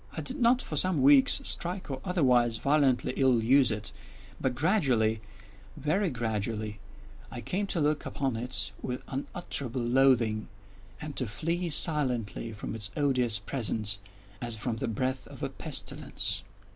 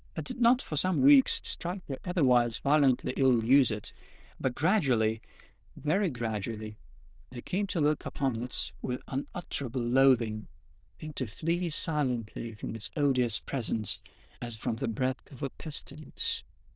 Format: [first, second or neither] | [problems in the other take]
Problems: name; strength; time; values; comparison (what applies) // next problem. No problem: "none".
first | noise reduction (neural diffusion model UNIVERSE++)